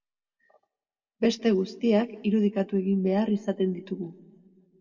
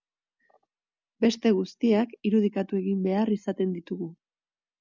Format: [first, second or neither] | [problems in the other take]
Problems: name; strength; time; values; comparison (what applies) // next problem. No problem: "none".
second | room echo; dies away in 0.8 s